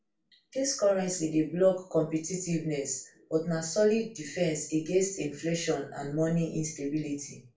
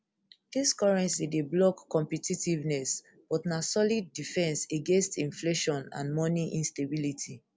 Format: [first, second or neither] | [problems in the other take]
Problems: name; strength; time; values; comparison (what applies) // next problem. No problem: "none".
second | room echo; dies away in 0.3 s